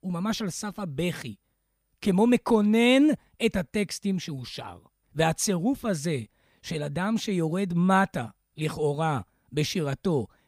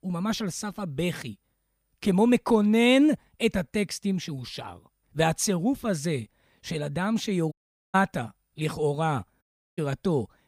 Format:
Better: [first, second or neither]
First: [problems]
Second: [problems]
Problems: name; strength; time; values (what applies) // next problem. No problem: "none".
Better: first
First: none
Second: audio cutting out; at 7.5 s and at 9.5 s